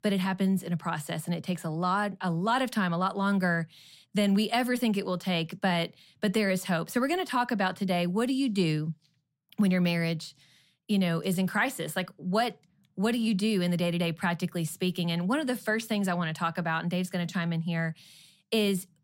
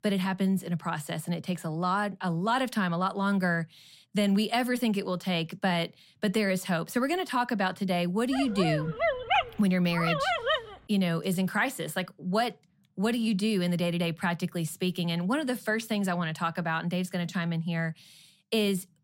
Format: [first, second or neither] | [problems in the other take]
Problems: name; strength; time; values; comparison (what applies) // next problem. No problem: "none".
first | dog barking; loud; from 8.5 to 11 s; peak 3 dB above the speech